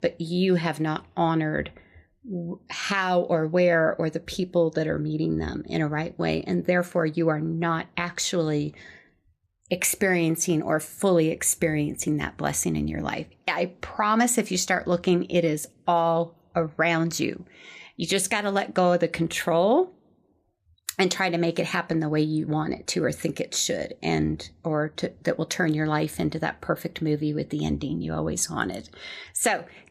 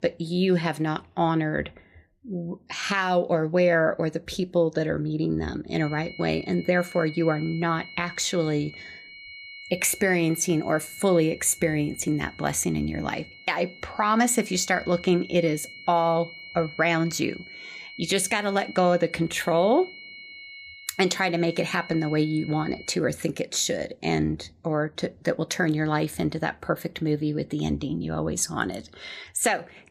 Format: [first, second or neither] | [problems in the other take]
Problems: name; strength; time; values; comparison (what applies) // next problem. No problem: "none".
first | high-pitched whine; noticeable; from 5.5 to 23 s; 2 kHz, 15 dB below the speech